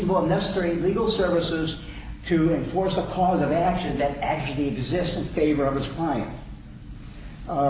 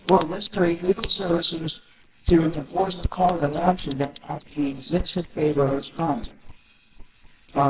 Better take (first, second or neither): first